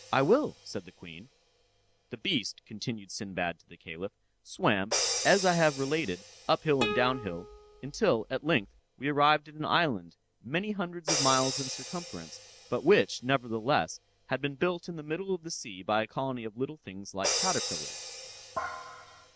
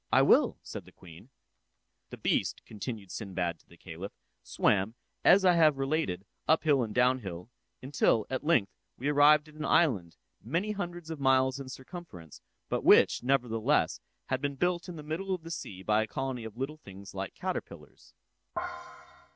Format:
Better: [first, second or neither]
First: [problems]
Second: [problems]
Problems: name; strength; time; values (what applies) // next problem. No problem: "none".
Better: second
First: background sound (Plucked string instrument + Crash cymbal); 8 dB below the speech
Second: none